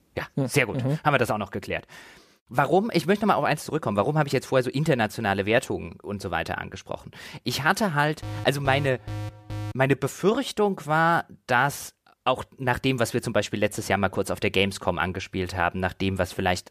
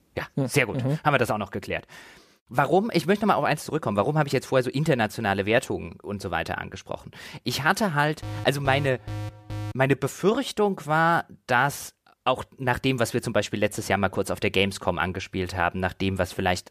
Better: neither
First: alarm; faint; from 8 to 9.5 s; peak 10 dB below the speech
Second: alarm; faint; from 8 to 9.5 s; peak 10 dB below the speech

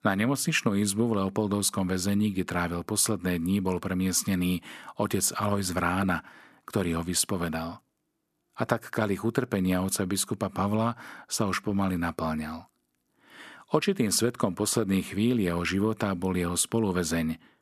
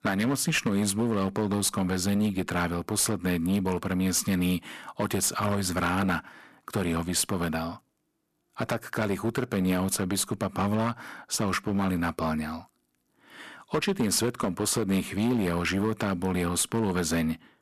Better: first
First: none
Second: distortion; slight; 9% of the sound clipped

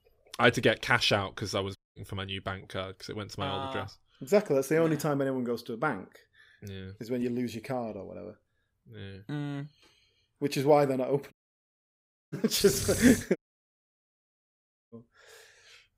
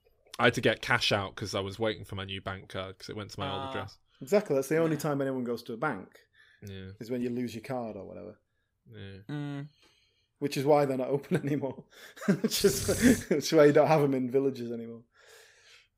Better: second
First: audio cutting out; at 2 s, at 11 s for 1 s and at 13 s for 1.5 s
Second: none

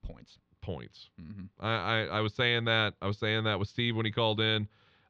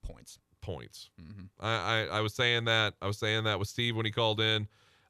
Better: second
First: muffled; very slightly; fading above 4 kHz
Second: none

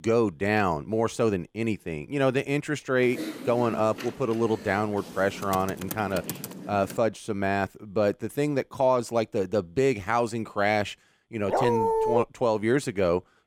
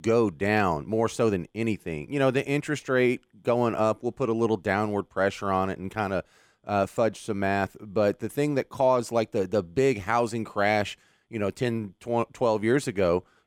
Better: second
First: keyboard typing; noticeable; from 3 to 7 s; peak 8 dB below the speech // dog barking; loud; at 11 s; peak 2 dB above the speech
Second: none

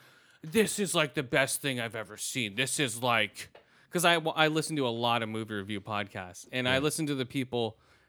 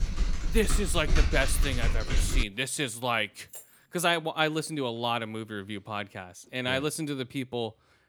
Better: first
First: none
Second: keyboard typing; loud; until 2.5 s; peak 2 dB above the speech // jangling keys; faint; at 3.5 s; peak 15 dB below the speech

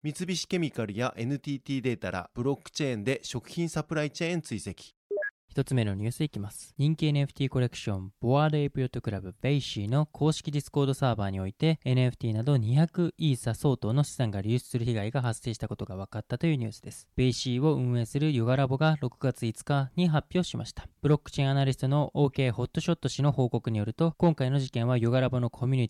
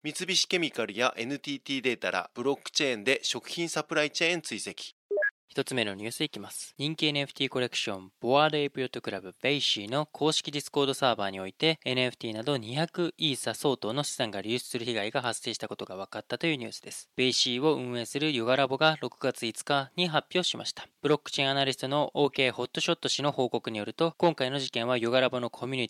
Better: first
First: none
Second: thin; somewhat; fading below 350 Hz

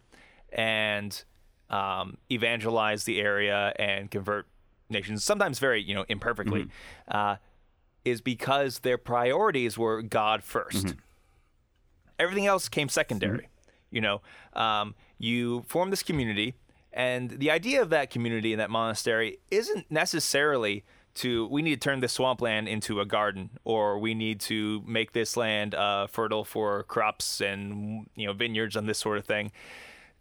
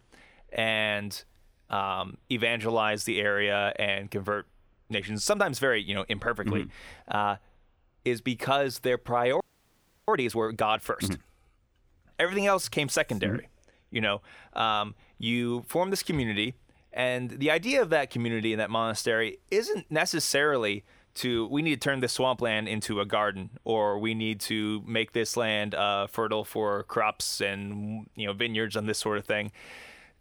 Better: first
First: none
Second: audio freezing; at 9.5 s for 0.5 s

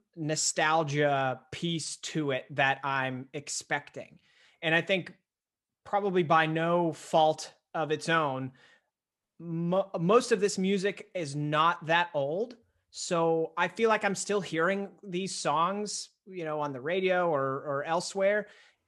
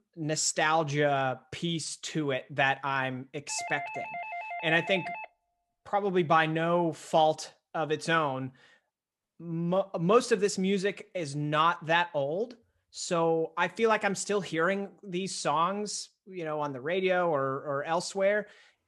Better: first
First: none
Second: doorbell; noticeable; from 3.5 to 5.5 s; peak 8 dB below the speech

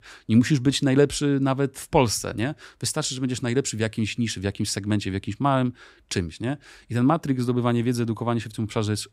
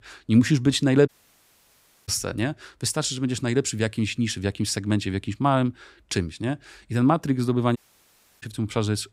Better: first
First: none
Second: audio cutting out; at 1 s for 1 s and at 8 s for 0.5 s

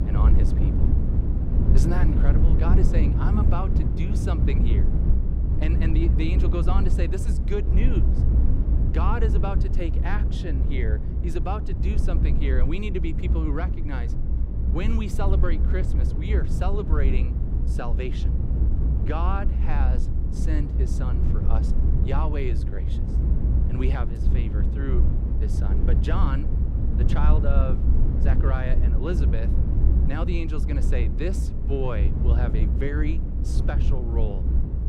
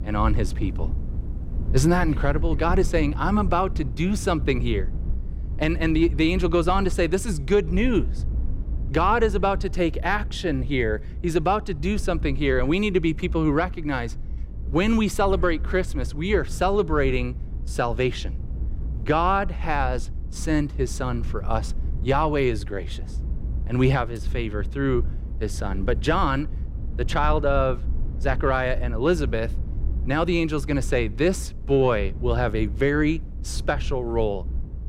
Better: second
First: low rumble; loud; throughout; 4 dB below the speech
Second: low rumble; faint; throughout; 20 dB below the speech

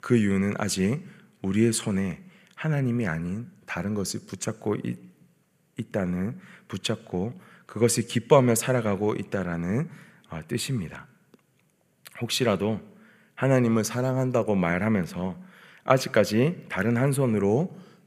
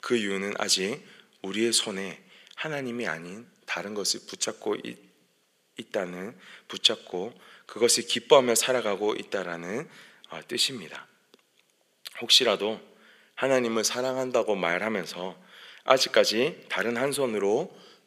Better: first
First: none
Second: thin; somewhat; fading below 400 Hz

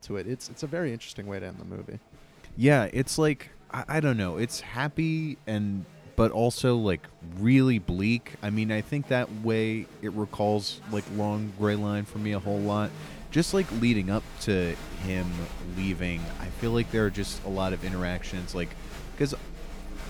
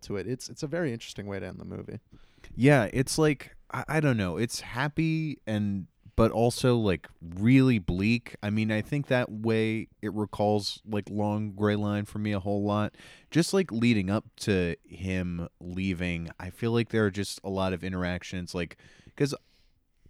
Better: second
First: crowd noise; noticeable; throughout; 15 dB below the speech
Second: none

